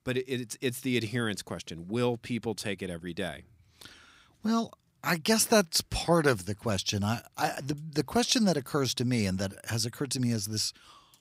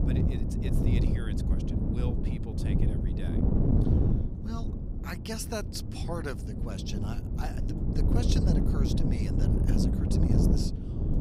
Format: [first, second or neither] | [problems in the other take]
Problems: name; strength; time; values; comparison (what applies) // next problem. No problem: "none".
first | wind noise on the microphone; heavy; 3 dB above the speech